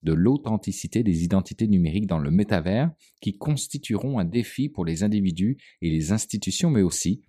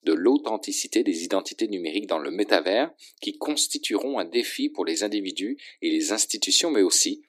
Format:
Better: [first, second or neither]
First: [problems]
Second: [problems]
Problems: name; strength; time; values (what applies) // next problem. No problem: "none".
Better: first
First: none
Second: thin; somewhat; fading below 300 Hz